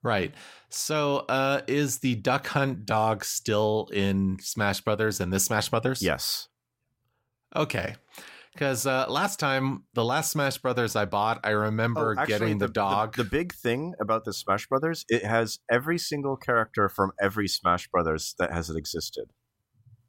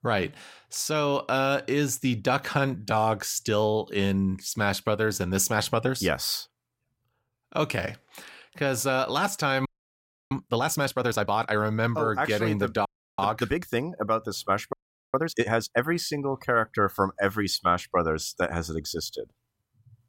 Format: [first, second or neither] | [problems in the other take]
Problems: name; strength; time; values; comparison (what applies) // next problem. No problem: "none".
first | audio freezing; at 9.5 s for 0.5 s, at 13 s and at 15 s